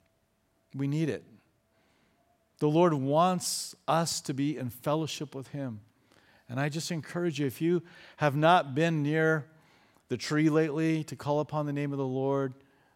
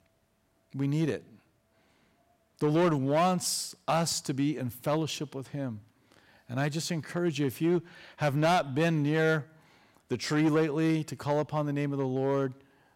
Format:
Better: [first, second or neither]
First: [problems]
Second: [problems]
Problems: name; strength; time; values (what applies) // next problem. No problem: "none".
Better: first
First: none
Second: distortion; slight; 4% of the sound clipped